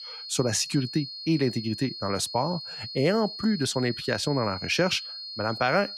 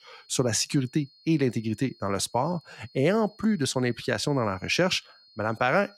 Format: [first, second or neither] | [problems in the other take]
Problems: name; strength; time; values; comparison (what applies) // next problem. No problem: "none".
second | high-pitched whine; loud; throughout; 4.5 kHz, 9 dB below the speech; faint in the second